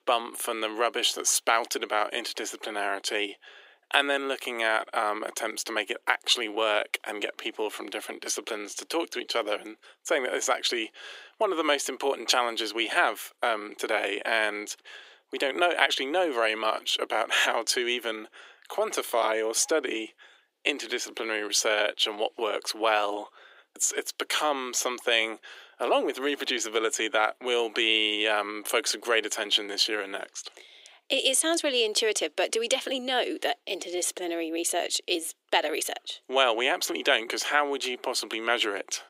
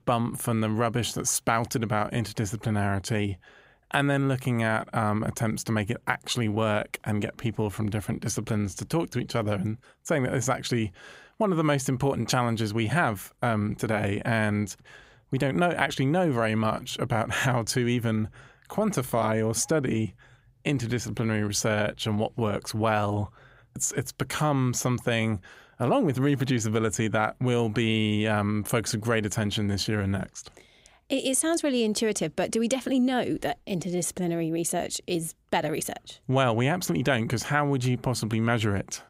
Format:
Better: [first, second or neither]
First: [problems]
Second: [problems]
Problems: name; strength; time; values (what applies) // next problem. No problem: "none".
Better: second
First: thin; very; fading below 350 Hz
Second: none